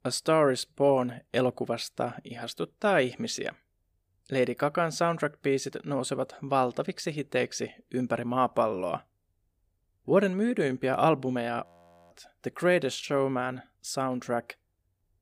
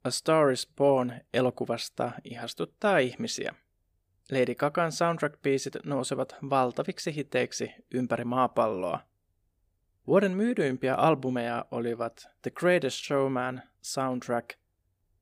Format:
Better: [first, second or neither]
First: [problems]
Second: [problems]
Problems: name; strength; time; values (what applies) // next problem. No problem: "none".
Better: second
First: audio freezing; at 12 s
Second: none